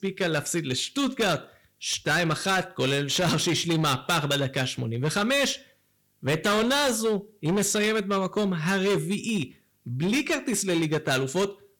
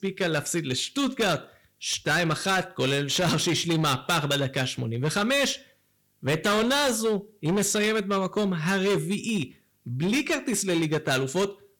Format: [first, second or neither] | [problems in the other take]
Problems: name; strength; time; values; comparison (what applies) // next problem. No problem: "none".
neither | distortion; heavy; 14% of the sound clipped; the same in both